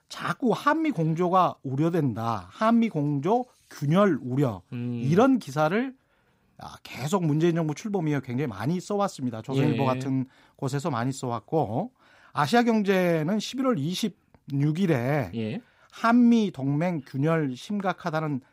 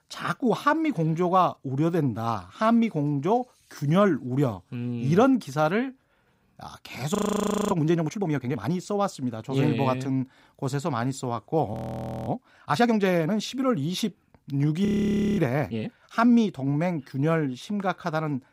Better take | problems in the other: first | audio freezing; at 7 s for 0.5 s, at 12 s for 0.5 s and at 15 s for 0.5 s

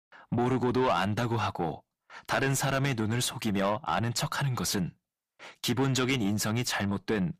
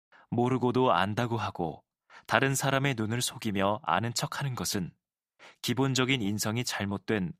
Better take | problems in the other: second | distortion; heavy; 7 dB below the speech

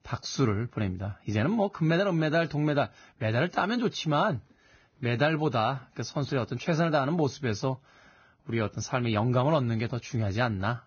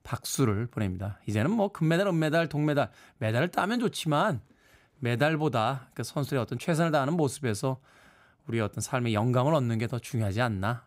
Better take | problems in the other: second | garbled, watery; badly; nothing above 6.5 kHz

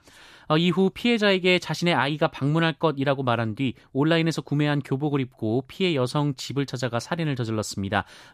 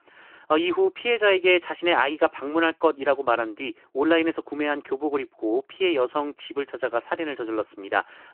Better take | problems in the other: first | phone-call audio

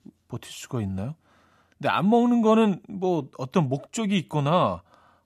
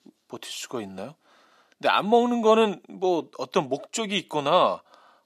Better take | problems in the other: first | thin; somewhat; fading below 400 Hz

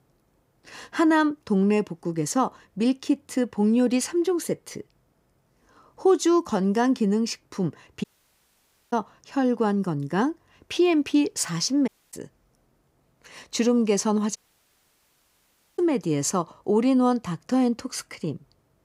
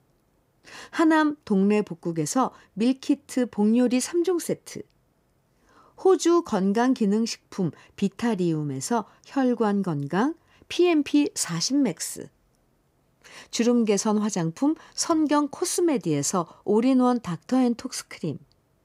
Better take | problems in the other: second | audio cutting out; at 8 s for 1 s, at 12 s and at 14 s for 1.5 s

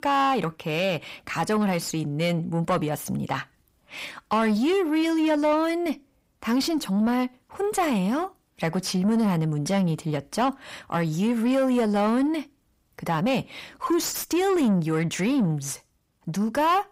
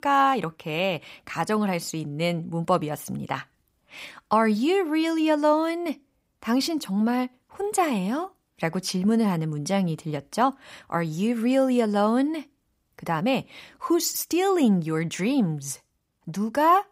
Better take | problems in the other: second | distortion; slight; 10 dB below the speech

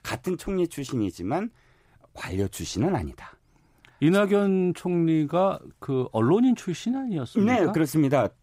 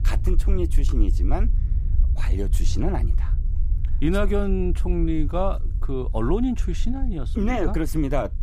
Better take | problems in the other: first | low rumble; noticeable; throughout; 15 dB below the speech

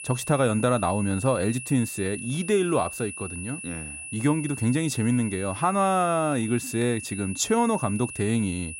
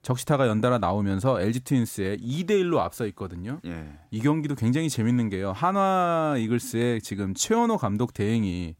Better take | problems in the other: second | high-pitched whine; loud; throughout; 2.5 kHz, 10 dB below the speech

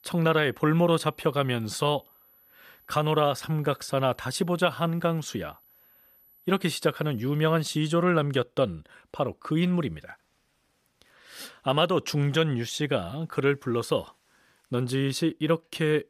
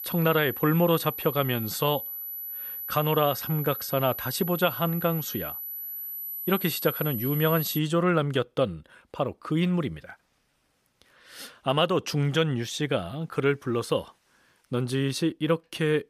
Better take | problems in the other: first | high-pitched whine; loud; until 8 s; 12 kHz, 6 dB below the speech; faint in the first

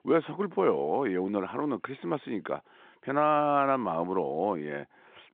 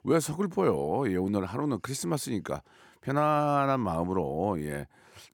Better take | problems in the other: second | phone-call audio; nothing above 3.5 kHz

